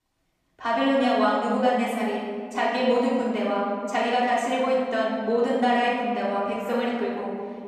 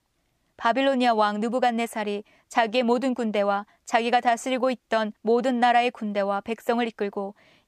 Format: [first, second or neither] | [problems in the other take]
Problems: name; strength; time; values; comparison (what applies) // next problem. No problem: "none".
second | off-mic speech; far // room echo; noticeable; dies away in 2 s